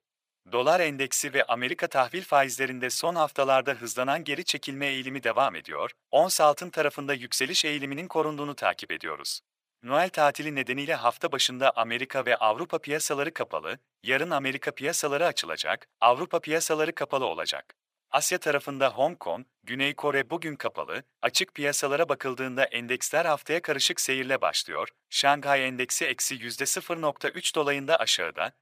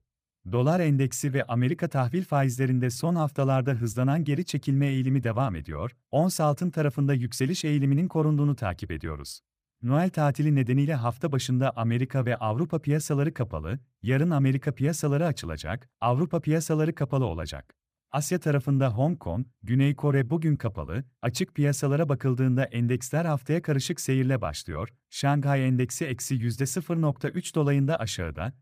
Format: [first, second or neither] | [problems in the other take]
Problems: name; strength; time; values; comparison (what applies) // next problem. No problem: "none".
second | thin; very; fading below 650 Hz